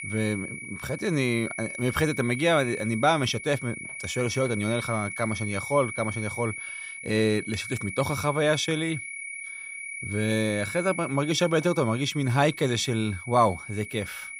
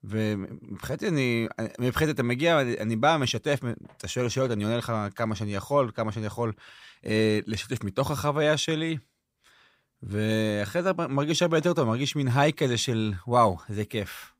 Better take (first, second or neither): second